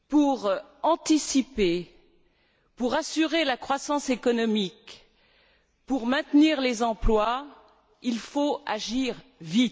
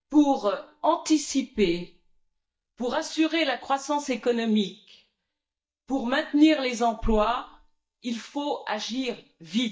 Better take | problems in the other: first | noise reduction (neural mask model DeepFilterNet 3)

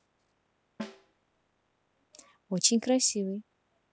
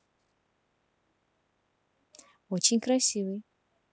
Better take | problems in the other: second | background sound (Snare drum); 15 dB below the speech

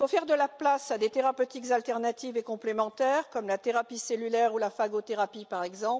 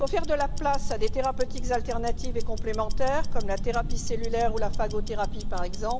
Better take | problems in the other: first | background sound (Tick-tock); 4 dB above the speech

